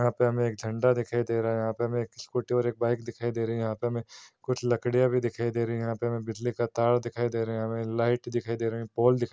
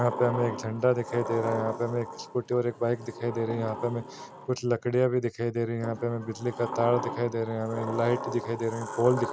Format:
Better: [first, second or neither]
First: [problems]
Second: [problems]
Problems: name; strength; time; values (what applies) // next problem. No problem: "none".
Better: first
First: none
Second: background sound (Sliding door); 9 dB below the speech